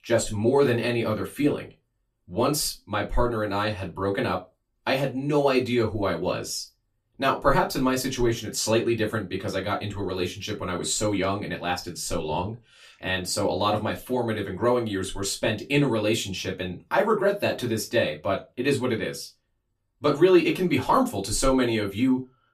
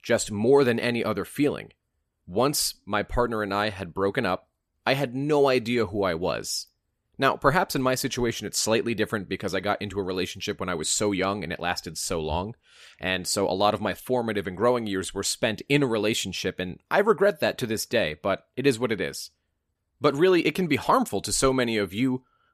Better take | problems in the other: second | off-mic speech; far // room echo; very slight; dies away in 0.2 s

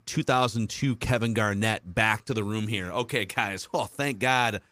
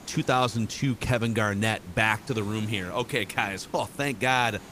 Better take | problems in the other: first | hiss; noticeable; throughout; 20 dB below the speech

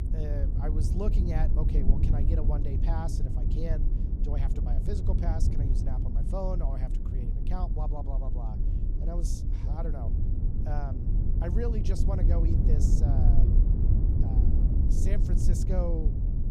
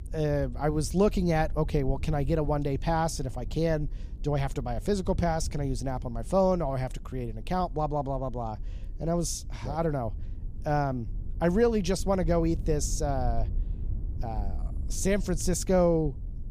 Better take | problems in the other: second | low rumble; loud; throughout; 2 dB below the speech; faint in the second

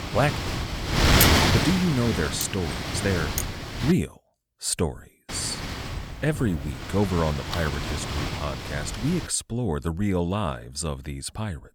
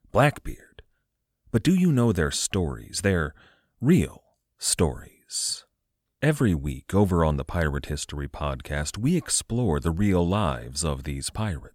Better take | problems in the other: second | wind noise on the microphone; heavy; until 4 s and from 5.5 to 9.5 s; 3 dB above the speech

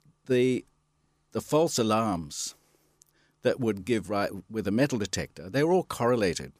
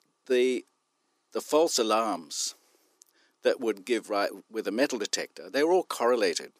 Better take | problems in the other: first | thin; somewhat; fading below 300 Hz

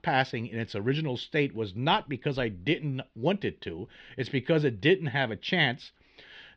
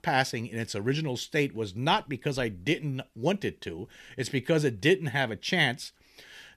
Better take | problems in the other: second | muffled; slightly; fading above 4 kHz

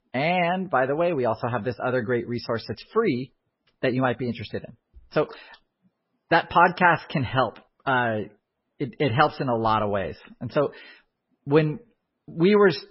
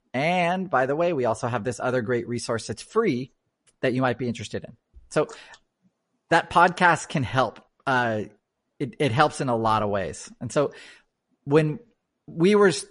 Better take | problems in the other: second | garbled, watery; badly; nothing above 5.5 kHz; slightly in the second

